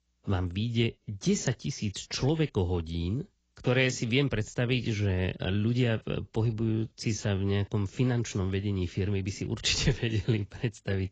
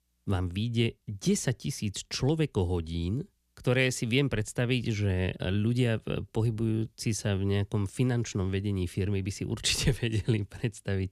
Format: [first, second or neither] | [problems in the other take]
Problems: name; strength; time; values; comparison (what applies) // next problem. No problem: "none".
second | garbled, watery; badly; nothing above 7.5 kHz